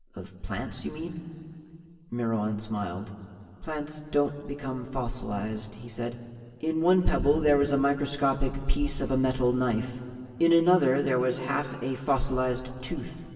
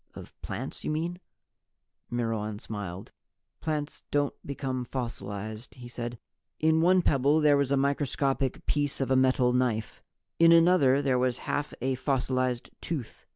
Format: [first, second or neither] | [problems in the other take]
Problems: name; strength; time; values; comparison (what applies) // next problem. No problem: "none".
second | room echo; dies away in 2.5 s